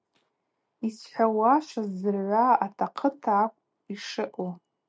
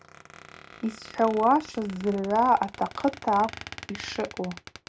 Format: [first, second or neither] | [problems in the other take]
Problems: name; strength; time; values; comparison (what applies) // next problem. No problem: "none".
first | background sound (Squeak); 17 dB below the speech